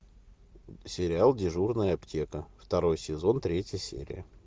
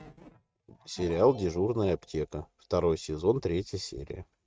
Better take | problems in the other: first | noise reduction (neural mask model RNNoise)

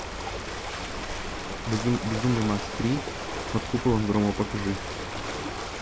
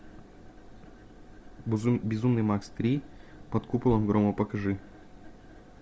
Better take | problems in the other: second | background sound (Ocean); 4 dB below the speech

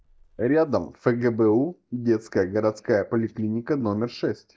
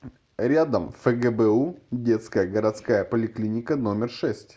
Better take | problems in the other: second | noise reduction (neural mask model DeepFilterNet 3)

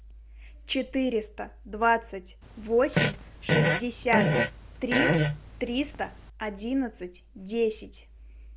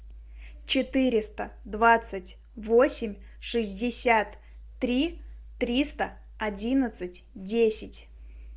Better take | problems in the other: second | background sound (Fart); 3 dB above the speech

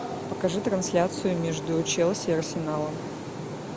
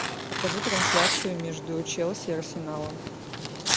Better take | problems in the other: first | background sound (Tearing); 1 dB above the speech

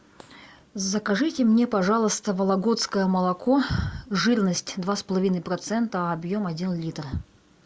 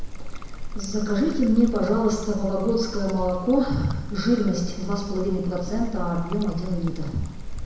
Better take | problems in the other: first | background sound (Trickle, dribble); 5 dB below the speech // room echo; dies away in 1 s

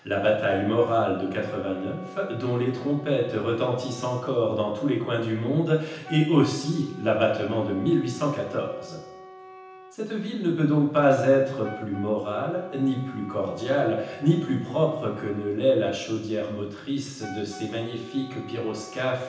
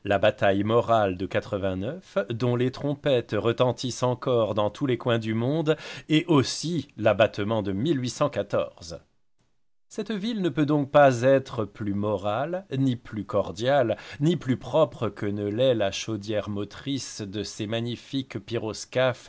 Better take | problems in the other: second | background sound (Wind instrument, woodwind instrument); 19 dB below the speech // room echo; dies away in 0.9 s

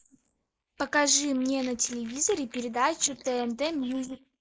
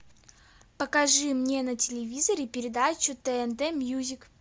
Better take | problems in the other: second | noise reduction (neural mask model Resemble Enhance denoiser)

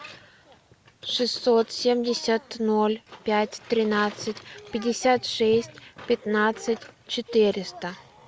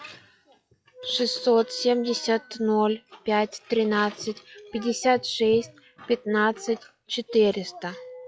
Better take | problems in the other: first | noise reduction (classical method log-MMSE)

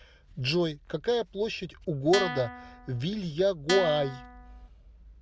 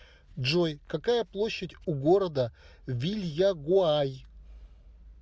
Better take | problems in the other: second | background sound (Guitar); 5 dB below the speech

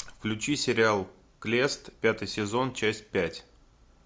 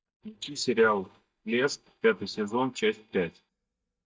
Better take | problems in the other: first | noise reduction (neural mask model DeepFilterNet 3)

